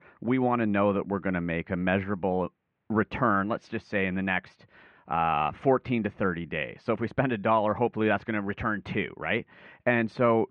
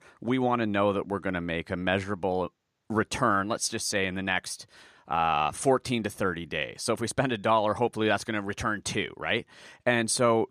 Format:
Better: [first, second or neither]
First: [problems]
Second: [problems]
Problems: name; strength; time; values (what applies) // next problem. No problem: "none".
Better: second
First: muffled; very; fading above 2.5 kHz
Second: none